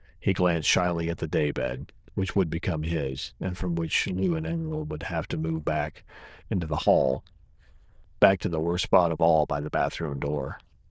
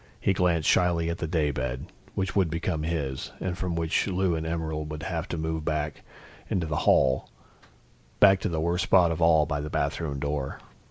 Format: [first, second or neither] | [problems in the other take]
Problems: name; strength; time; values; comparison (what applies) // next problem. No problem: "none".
second | noise reduction (neural diffusion model UNIVERSE++)